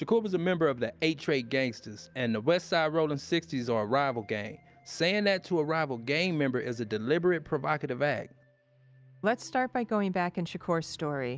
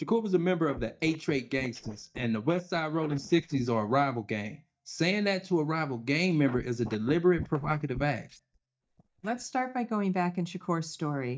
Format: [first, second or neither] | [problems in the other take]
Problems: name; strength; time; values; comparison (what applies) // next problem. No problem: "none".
first | noise reduction (neural mask model DeepFilterNet 3)